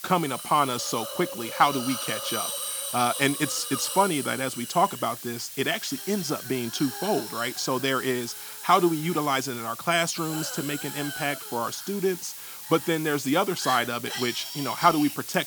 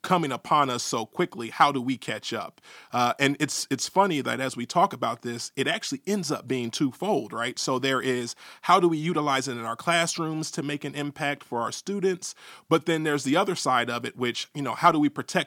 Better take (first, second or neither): second